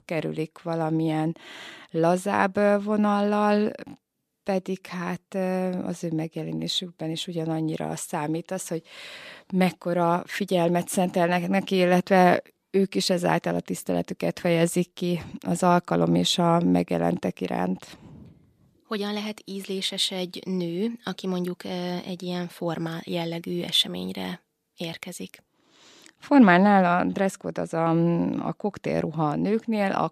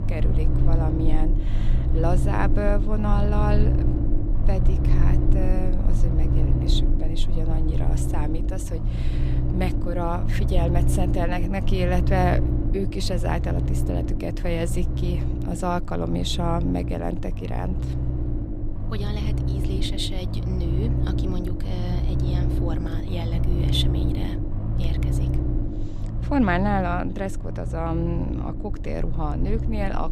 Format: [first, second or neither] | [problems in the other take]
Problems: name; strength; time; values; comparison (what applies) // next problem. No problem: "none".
first | low rumble; loud; throughout; 6 dB below the speech